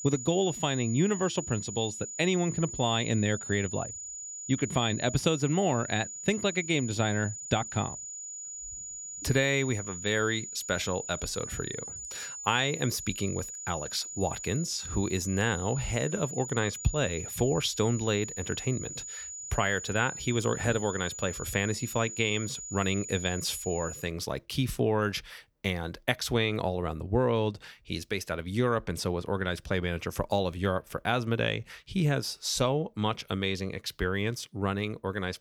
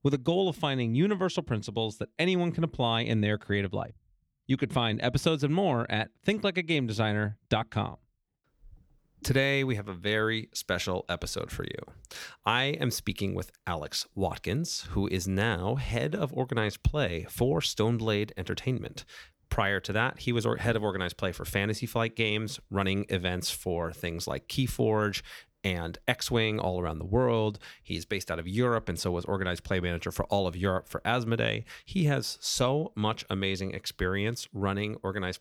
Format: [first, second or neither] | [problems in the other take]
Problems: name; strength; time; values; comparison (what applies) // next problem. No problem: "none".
second | high-pitched whine; loud; until 24 s; 7 kHz, 8 dB below the speech